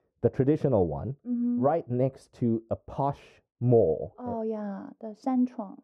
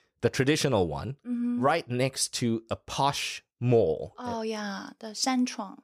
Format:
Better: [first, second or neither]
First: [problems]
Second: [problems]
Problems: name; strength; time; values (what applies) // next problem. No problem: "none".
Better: second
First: muffled; very; fading above 1.5 kHz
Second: none